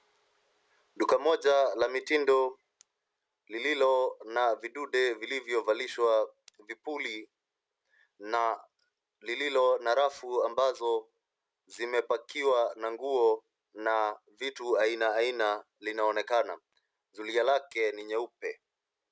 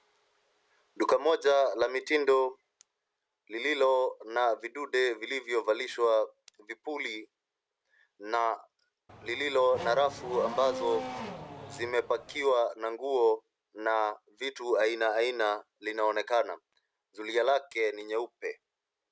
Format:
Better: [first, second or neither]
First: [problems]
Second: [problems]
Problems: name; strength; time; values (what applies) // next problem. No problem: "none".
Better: first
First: none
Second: background sound (Race car, auto racing / Accelerating, revving, vroom); 10 dB below the speech